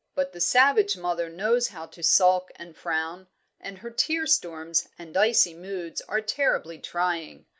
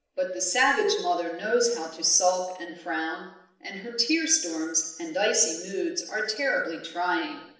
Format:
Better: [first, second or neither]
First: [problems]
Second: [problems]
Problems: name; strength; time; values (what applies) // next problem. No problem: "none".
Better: first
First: none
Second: room echo; dies away in 0.8 s